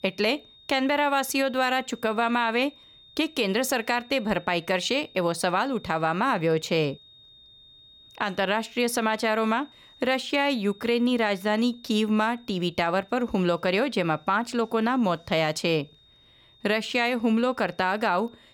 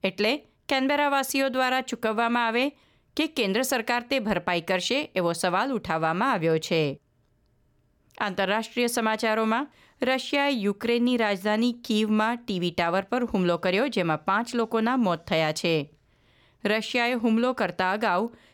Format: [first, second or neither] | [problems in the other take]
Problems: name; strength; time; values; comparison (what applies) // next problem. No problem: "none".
second | high-pitched whine; faint; throughout; 3.5 kHz, 25 dB below the speech